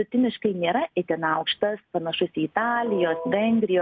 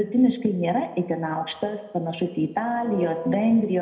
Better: first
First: none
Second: room echo; dies away in 0.8 s

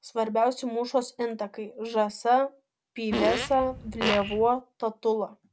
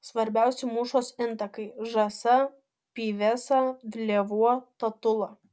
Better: second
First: background sound (Fart); 4 dB below the speech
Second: none

